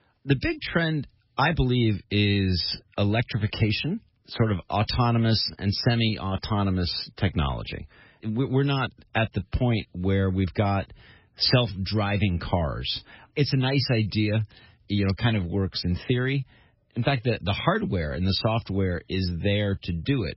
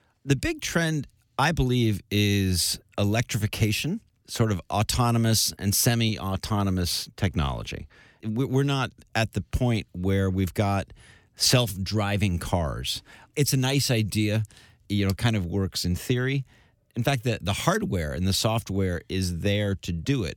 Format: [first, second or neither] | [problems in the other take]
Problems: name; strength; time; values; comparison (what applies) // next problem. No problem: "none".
second | garbled, watery; badly; nothing above 5.5 kHz